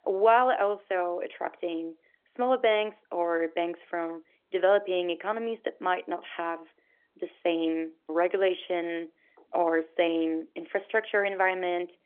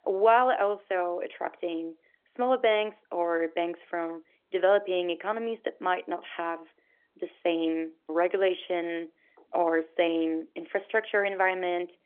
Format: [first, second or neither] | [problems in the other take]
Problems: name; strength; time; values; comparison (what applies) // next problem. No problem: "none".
neither | phone-call audio; nothing above 3.5 kHz; the same in both